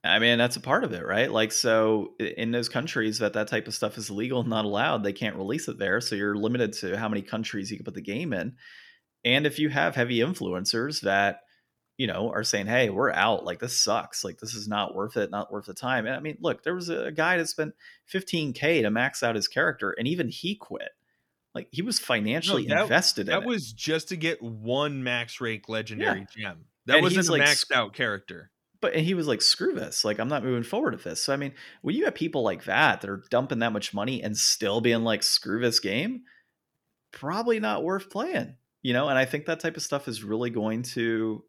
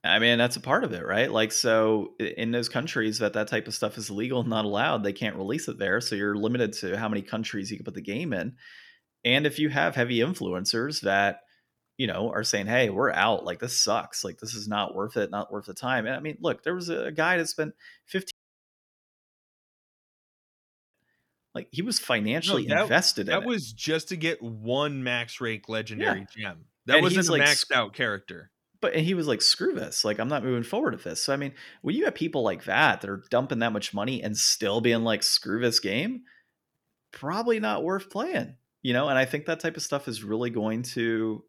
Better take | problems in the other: first | audio cutting out; at 18 s for 2.5 s

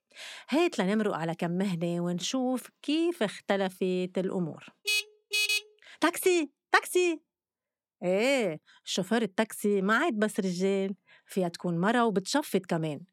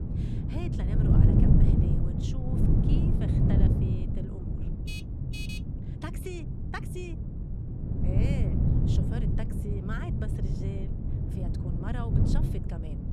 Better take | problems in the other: first | wind noise on the microphone; heavy; 5 dB above the speech

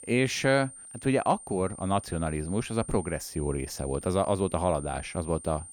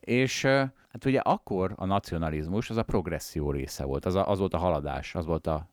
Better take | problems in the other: second | high-pitched whine; noticeable; throughout; 9 kHz, 15 dB below the speech

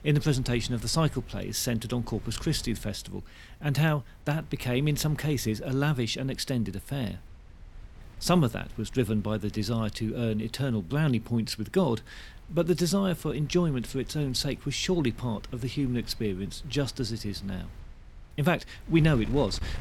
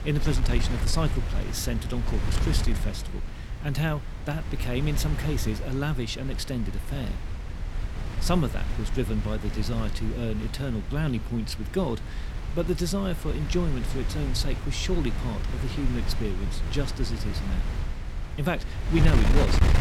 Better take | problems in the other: first | wind noise on the microphone; heavy; 6 dB below the speech; occasional gusts in the first

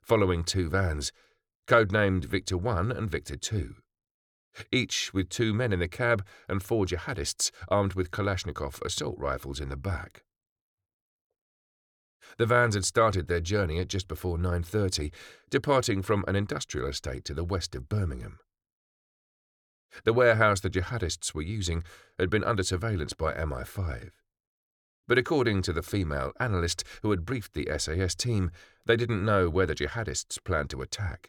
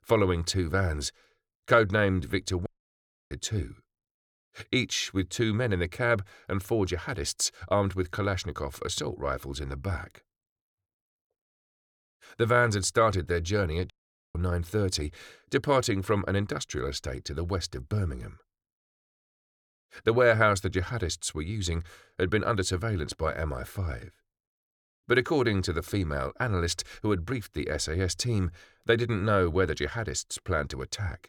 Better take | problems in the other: first | audio cutting out; at 2.5 s for 0.5 s and at 14 s

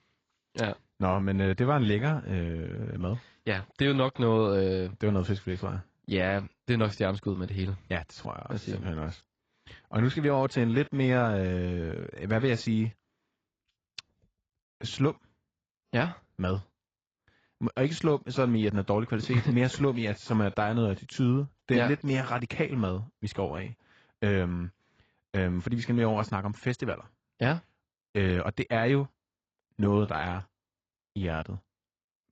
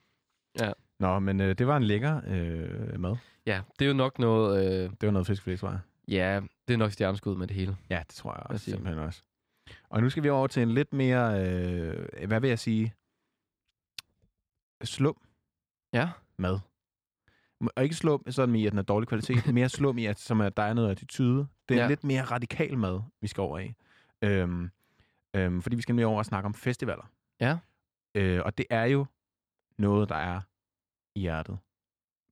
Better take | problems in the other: second | garbled, watery; badly; nothing above 7.5 kHz

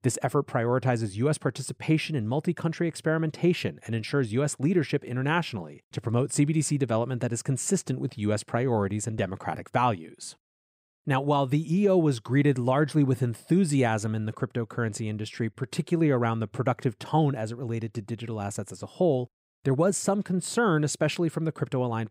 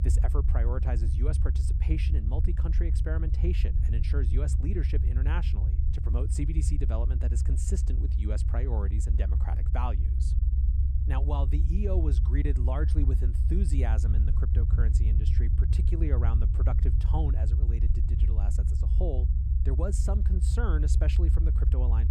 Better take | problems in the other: first | low rumble; loud; throughout; 4 dB below the speech

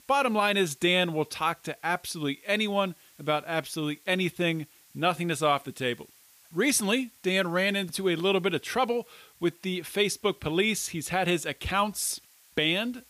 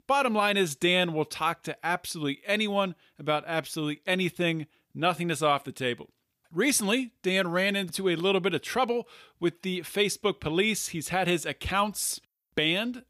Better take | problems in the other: second | hiss; faint; throughout; 30 dB below the speech

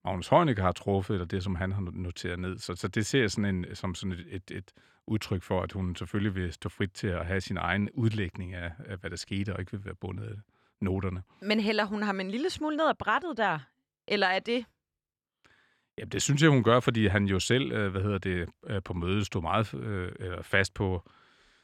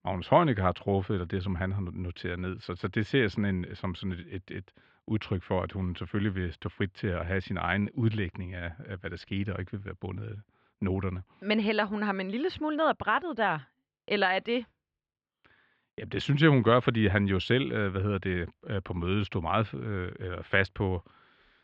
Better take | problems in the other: first | muffled; slightly; fading above 3.5 kHz

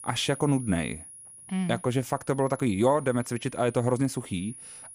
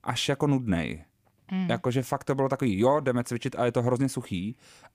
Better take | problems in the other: second | high-pitched whine; noticeable; throughout; 10.5 kHz, 15 dB below the speech

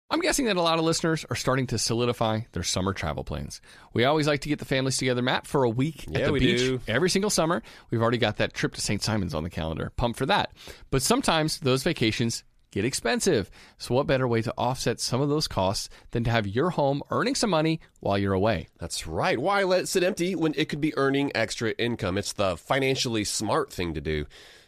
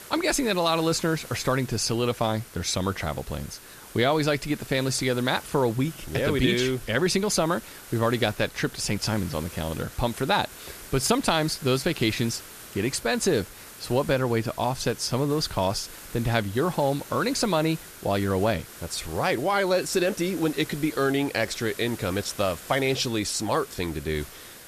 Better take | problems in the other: first | hiss; noticeable; throughout; 15 dB below the speech

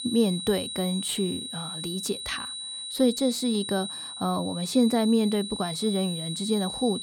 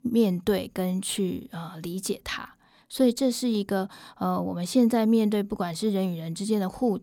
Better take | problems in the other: second | high-pitched whine; loud; throughout; 4 kHz, 6 dB below the speech

